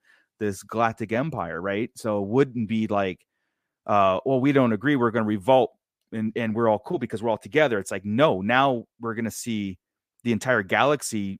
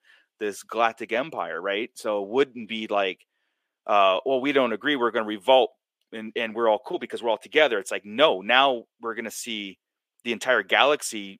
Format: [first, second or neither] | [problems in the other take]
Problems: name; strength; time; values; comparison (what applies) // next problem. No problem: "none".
first | thin; somewhat; fading below 400 Hz